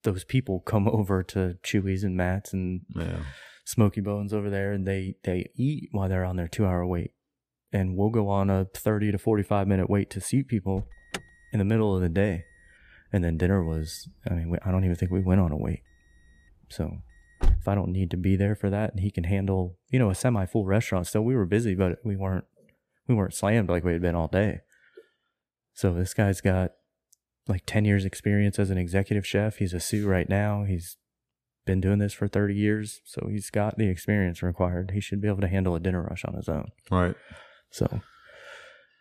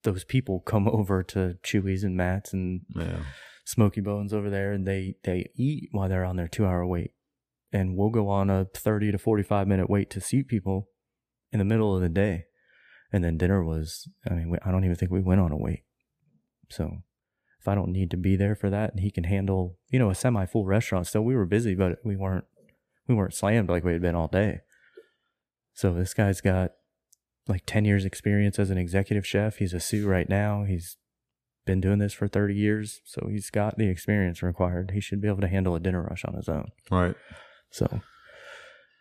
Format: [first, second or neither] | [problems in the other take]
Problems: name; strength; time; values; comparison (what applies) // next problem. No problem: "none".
second | alarm; noticeable; from 11 to 18 s; peak 1 dB below the speech